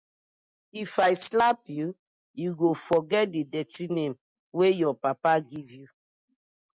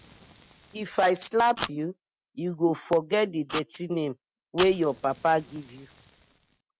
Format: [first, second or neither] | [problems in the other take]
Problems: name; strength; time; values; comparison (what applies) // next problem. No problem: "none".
first | background sound (Fire); 14 dB below the speech